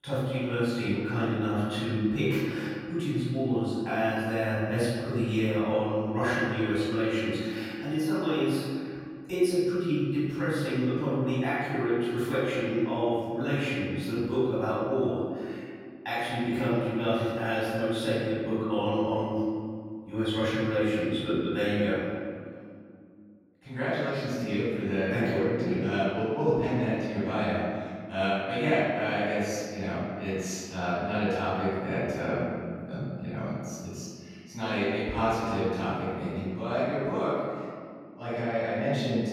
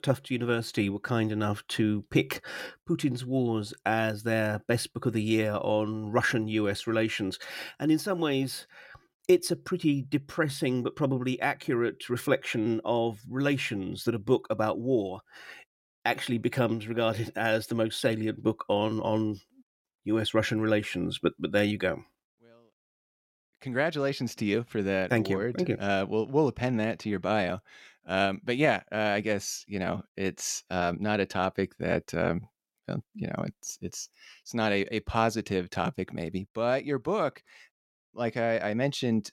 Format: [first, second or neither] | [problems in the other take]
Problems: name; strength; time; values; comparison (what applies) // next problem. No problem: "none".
second | off-mic speech; far // room echo; strong; dies away in 2 s